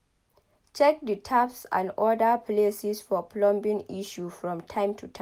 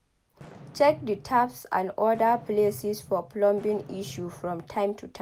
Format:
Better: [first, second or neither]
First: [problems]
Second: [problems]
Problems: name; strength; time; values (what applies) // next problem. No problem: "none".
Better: first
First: none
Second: background sound (Fireworks); 19 dB below the speech